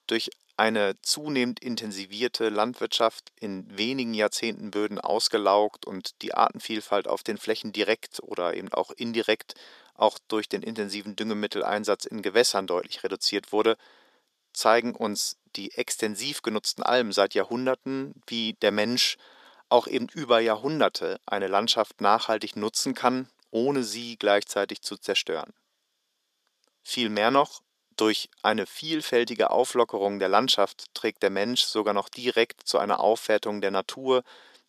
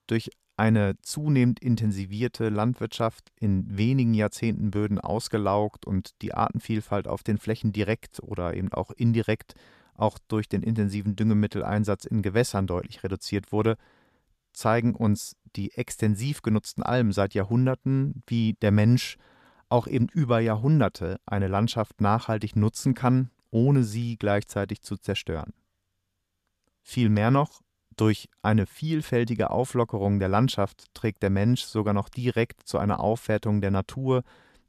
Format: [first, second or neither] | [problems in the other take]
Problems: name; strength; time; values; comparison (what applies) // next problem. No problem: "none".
second | thin; somewhat; fading below 350 Hz